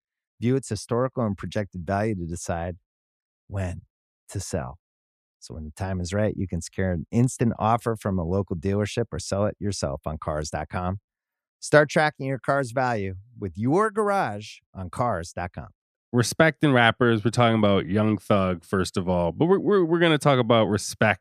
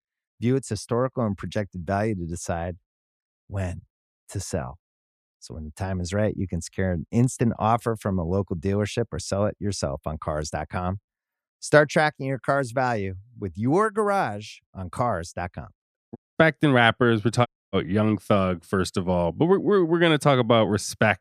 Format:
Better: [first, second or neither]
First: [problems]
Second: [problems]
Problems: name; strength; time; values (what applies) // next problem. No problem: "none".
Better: first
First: none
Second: audio cutting out; at 16 s and at 17 s